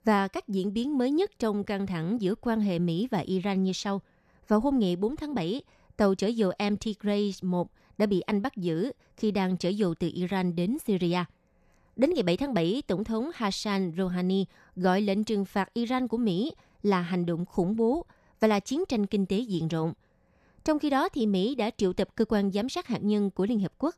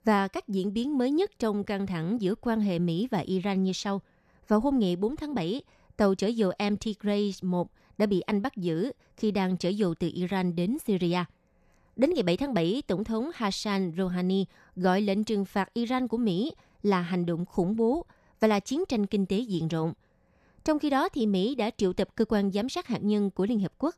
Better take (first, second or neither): neither